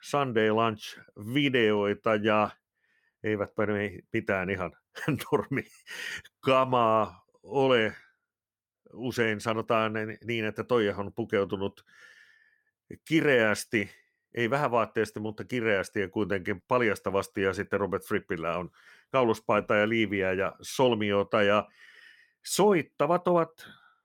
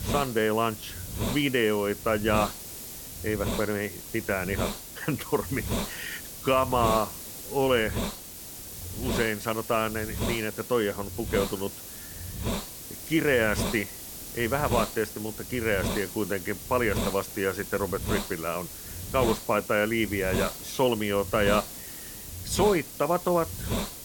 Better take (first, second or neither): first